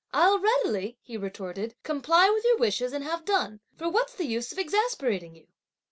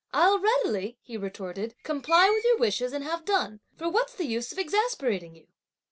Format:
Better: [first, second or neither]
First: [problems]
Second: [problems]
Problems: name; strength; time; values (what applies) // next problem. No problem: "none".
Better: first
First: none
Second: background sound (Screech); 18 dB below the speech